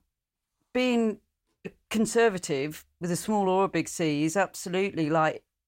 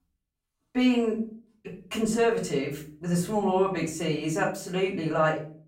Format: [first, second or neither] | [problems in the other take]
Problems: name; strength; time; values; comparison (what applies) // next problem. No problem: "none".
first | room echo; slight; dies away in 0.4 s // off-mic speech; far